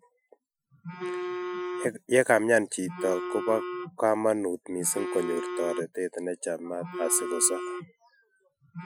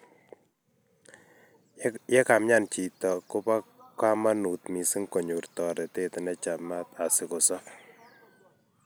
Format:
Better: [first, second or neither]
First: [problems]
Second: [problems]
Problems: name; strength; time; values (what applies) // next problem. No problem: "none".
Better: second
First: noise reduction (classical method Wiener filter)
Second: none